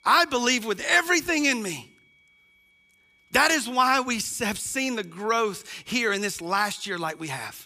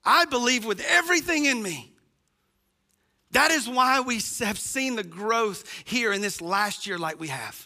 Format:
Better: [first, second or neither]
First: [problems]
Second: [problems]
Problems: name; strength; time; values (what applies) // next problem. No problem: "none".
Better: second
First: high-pitched whine; faint; throughout; 2.5 kHz, 35 dB below the speech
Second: none